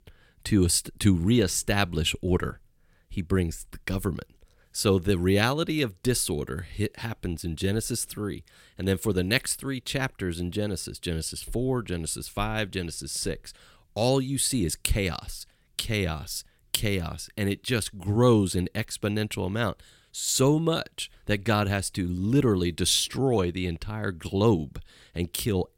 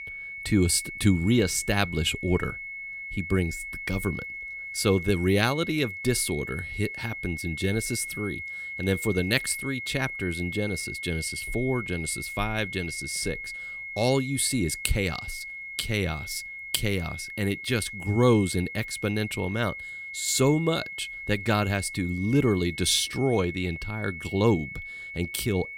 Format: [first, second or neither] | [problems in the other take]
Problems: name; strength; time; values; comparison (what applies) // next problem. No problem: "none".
first | high-pitched whine; loud; throughout; 2 kHz, 8 dB below the speech